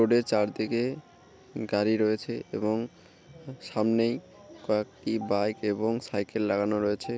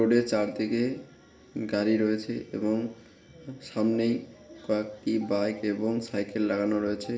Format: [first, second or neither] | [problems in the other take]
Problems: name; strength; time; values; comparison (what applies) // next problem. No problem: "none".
first | room echo; dies away in 0.6 s